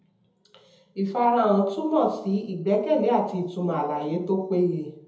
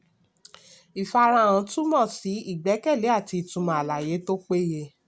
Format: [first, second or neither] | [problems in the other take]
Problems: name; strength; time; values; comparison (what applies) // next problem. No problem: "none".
second | room echo; dies away in 0.7 s